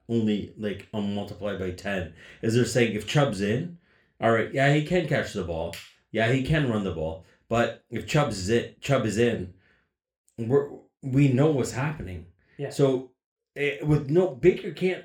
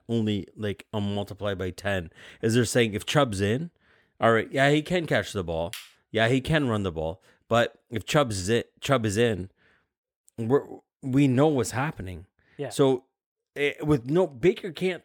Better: second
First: room echo; very slight; dies away in 0.3 s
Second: none

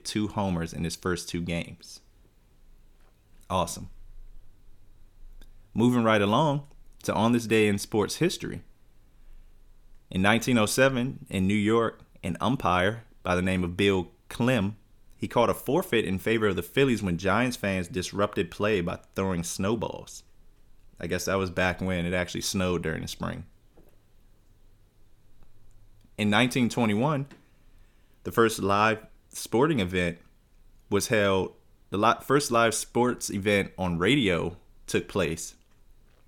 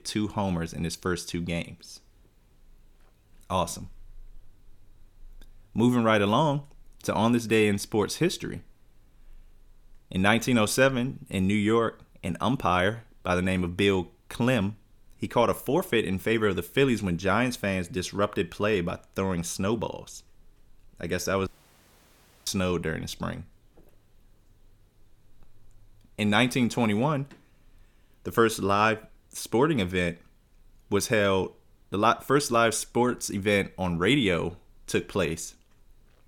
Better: first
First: none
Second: audio cutting out; at 21 s for 1 s

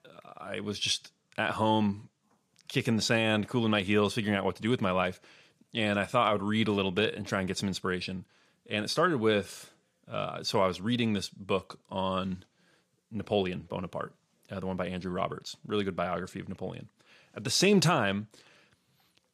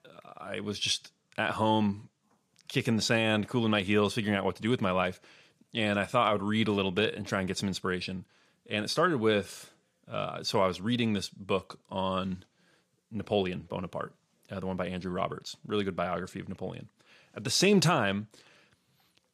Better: neither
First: none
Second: none

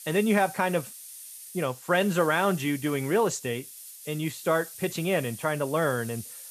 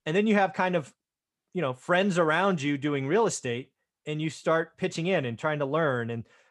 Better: second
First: hiss; noticeable; throughout; 15 dB below the speech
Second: none

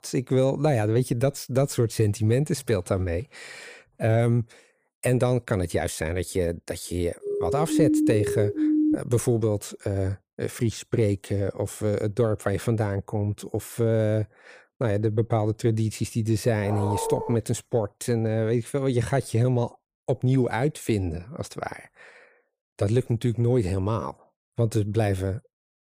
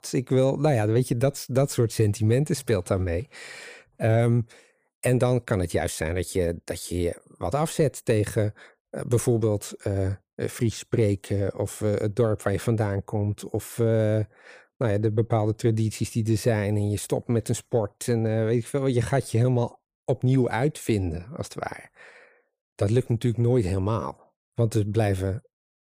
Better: second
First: siren; loud; from 7 to 9 s; peak 4 dB above the speech // dog barking; noticeable; at 17 s; peak 4 dB below the speech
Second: none

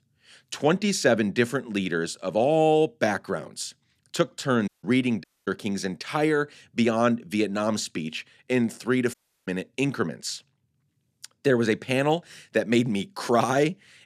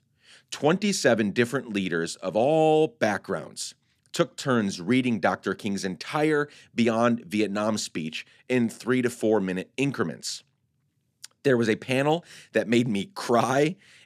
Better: second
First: audio cutting out; at 4.5 s, at 5 s and at 9 s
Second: none

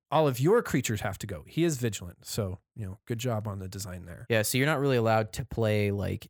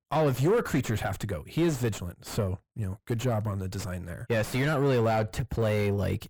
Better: first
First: none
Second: distortion; heavy; 5 dB below the speech

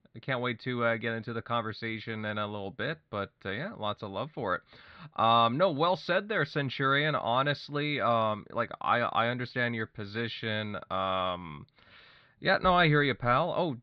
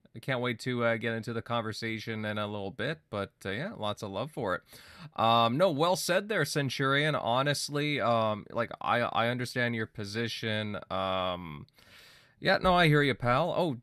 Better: second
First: muffled; slightly; fading above 4 kHz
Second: none

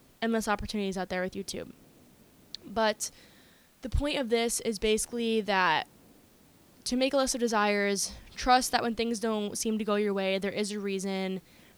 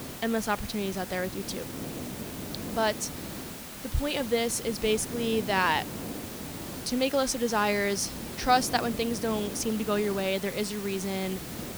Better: first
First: hiss; faint; throughout; 30 dB below the speech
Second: hiss; loud; throughout; 9 dB below the speech

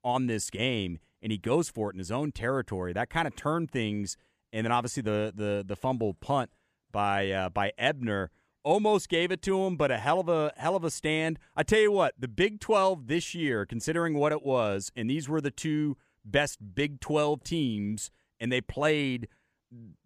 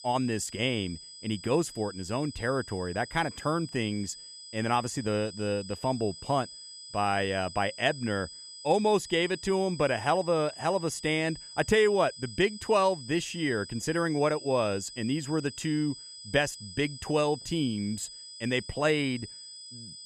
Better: first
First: none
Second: high-pitched whine; noticeable; throughout; 5 kHz, 15 dB below the speech

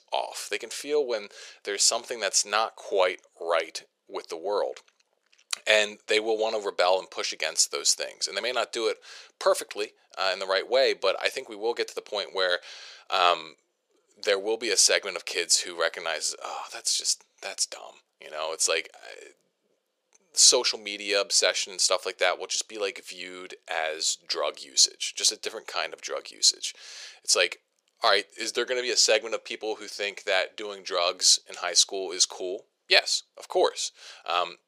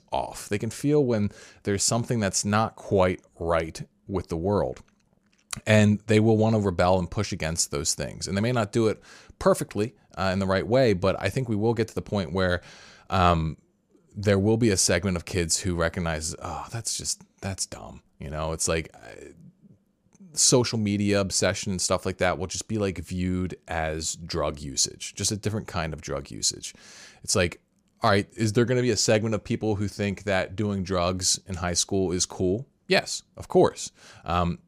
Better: second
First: thin; very; fading below 450 Hz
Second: none

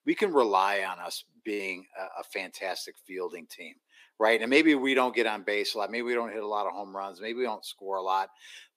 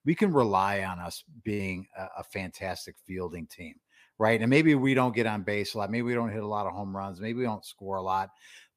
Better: second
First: thin; somewhat; fading below 300 Hz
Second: none

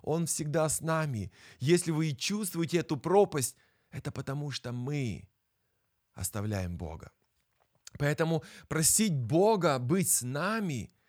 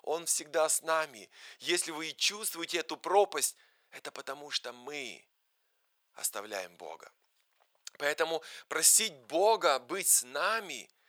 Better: first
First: none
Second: thin; very; fading below 500 Hz

